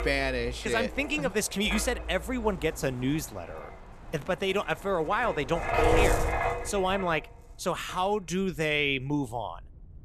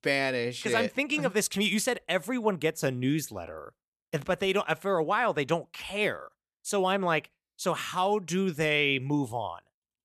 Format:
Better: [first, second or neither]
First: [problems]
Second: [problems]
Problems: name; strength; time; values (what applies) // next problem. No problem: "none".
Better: second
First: wind noise on the microphone; heavy; 1 dB below the speech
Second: none